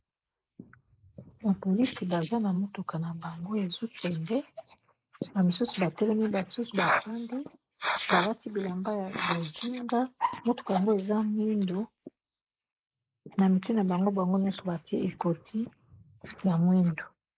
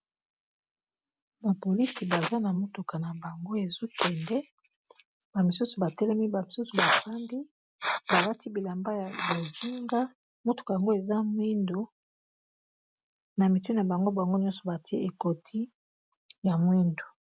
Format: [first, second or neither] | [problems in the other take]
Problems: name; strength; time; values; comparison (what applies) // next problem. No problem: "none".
second | noise reduction (neural mask model Resemble Enhance denoiser)